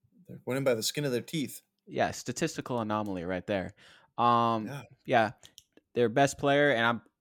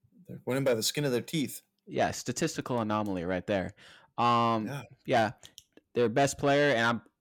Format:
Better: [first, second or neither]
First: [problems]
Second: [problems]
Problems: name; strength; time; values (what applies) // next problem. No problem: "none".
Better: first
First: none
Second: distortion; slight; 10 dB below the speech